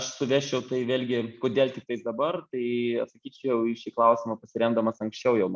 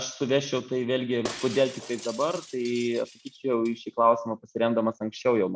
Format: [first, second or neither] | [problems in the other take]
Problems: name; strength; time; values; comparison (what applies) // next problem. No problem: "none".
first | background sound (Shatter); 16 dB below the speech